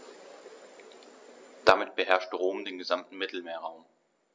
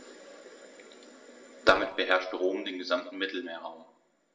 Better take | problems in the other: first | room echo; dies away in 0.6 s

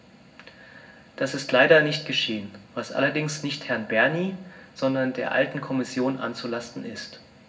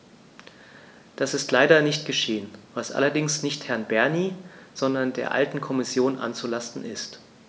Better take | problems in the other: second | room echo; dies away in 0.4 s

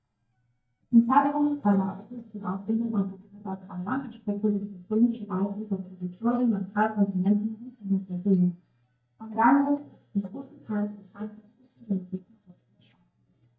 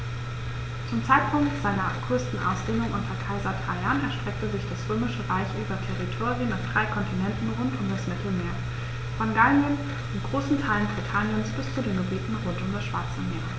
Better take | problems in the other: second | noise reduction (neural mask model DeepFilterNet 3)

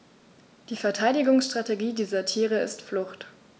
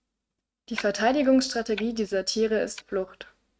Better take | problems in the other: first | noise reduction (neural mask model RNNoise)

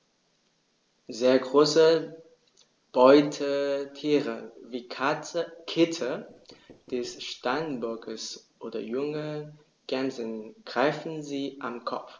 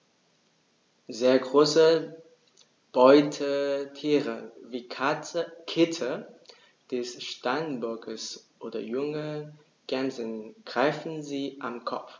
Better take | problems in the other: second | noise reduction (neural separator model SepFormer DNS4)

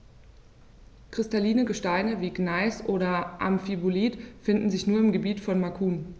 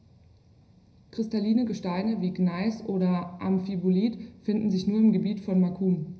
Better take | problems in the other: first | room echo; dies away in 0.4 s

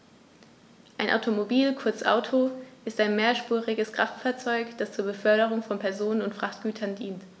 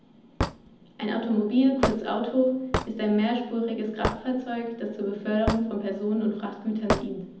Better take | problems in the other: first | background sound (Hammer / Wood); 6 dB below the speech // room echo; dies away in 0.8 s

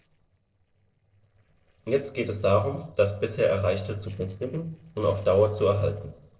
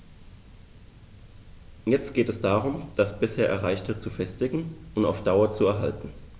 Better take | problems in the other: second | noise reduction (neural separator model SepFormer DNS4)

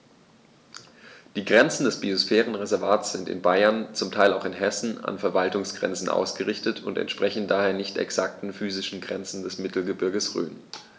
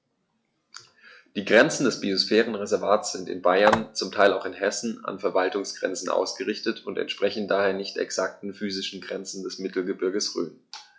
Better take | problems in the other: first | noise reduction (classical method log-MMSE)

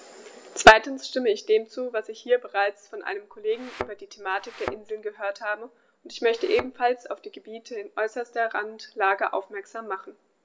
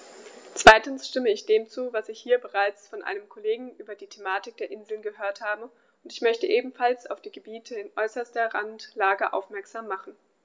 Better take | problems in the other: second | background sound (Thump, thud); 12 dB below the speech

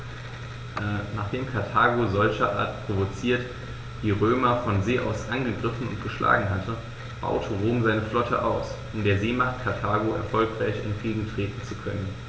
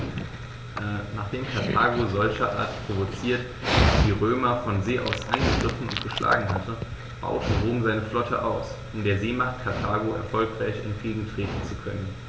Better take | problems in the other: first | background sound (Dog); 4 dB below the speech

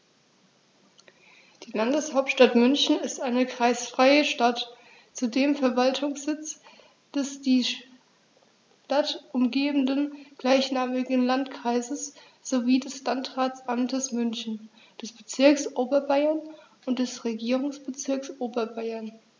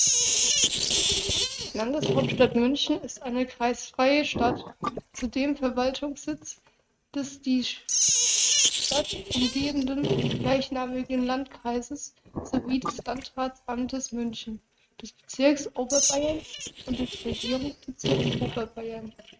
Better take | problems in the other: first | noise reduction (neural mask model RNNoise)

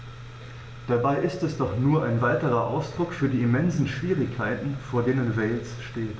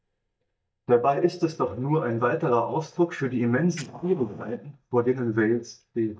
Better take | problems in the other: first | noise reduction (neural mask model DeepFilterNet 3)

